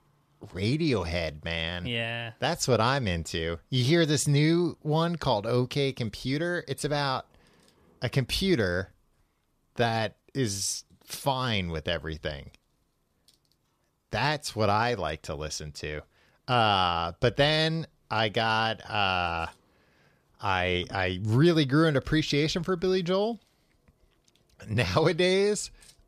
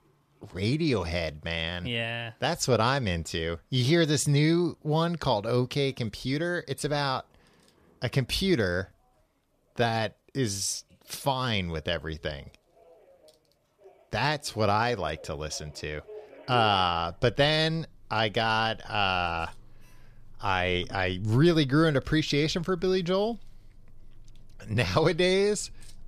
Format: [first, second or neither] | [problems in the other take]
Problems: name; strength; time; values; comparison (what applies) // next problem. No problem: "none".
first | alarms or sirens; faint; throughout; 25 dB below the speech